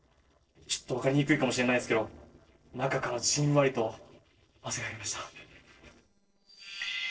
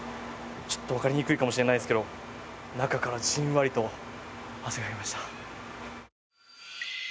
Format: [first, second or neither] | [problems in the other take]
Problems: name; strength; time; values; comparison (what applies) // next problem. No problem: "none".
second | noise reduction (neural separator model SepFormer DNS4)